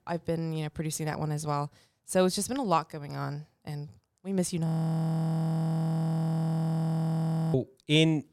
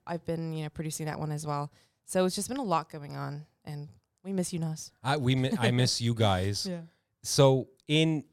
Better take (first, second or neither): second